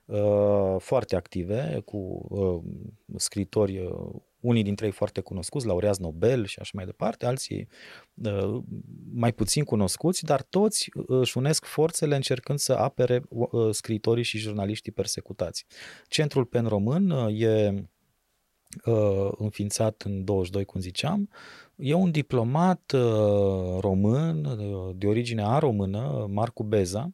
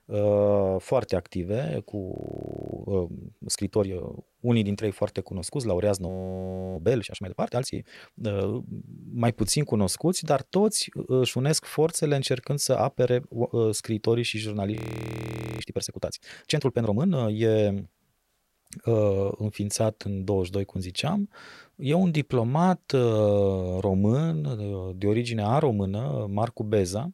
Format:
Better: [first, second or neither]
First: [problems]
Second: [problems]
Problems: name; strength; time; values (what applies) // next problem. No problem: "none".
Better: first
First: none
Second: audio freezing; at 2 s for 0.5 s, at 6 s for 0.5 s and at 15 s for 1 s